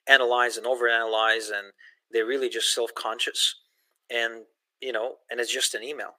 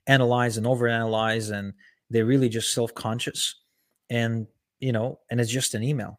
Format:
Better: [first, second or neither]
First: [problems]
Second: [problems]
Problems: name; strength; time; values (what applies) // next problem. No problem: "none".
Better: second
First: thin; very; fading below 350 Hz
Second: none